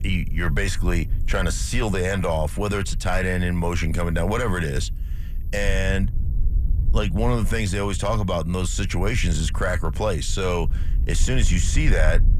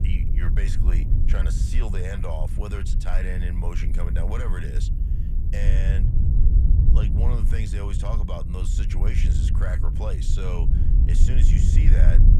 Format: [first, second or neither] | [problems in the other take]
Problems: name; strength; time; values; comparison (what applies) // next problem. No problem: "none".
first | low rumble; loud; throughout; 3 dB below the speech; faint in the first